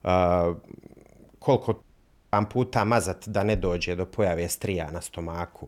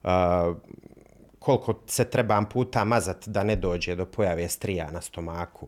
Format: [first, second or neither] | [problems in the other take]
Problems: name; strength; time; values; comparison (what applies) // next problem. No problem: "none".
second | audio cutting out; at 2 s for 0.5 s